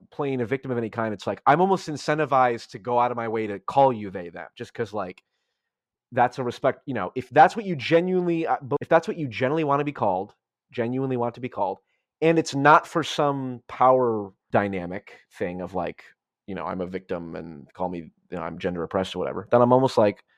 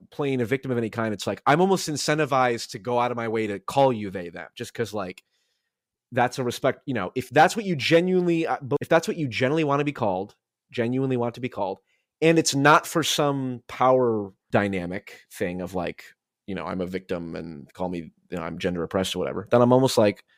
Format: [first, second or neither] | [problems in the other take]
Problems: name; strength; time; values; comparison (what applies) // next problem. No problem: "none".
second | muffled; slightly; fading above 3 kHz